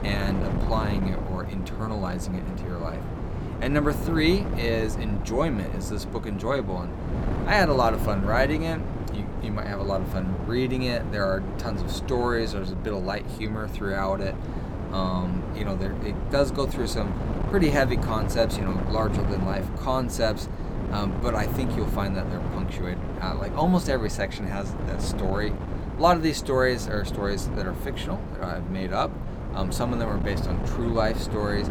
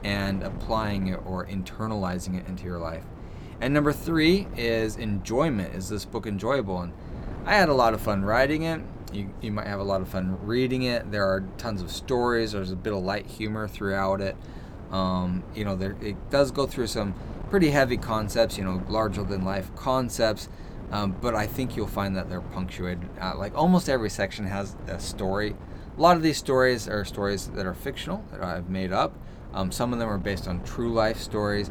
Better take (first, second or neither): second